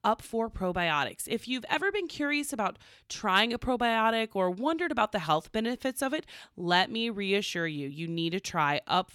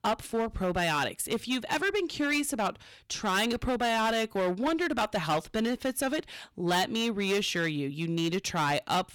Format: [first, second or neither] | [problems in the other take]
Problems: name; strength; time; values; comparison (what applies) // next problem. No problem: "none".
first | distortion; heavy; 13% of the sound clipped